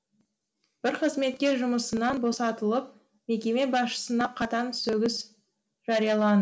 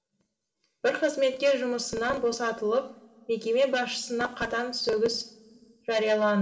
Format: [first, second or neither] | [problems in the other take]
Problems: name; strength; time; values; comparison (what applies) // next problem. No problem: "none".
first | room echo; dies away in 1.4 s